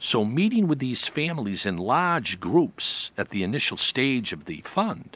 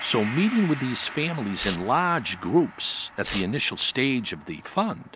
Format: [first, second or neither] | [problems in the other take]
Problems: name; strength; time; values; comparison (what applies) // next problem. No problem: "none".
first | background sound (Tearing + Gong); 13 dB below the speech